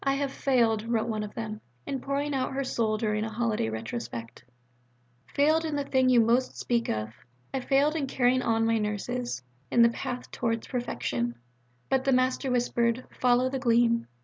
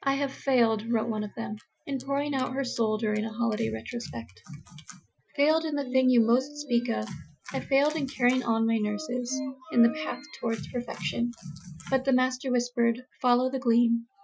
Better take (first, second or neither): first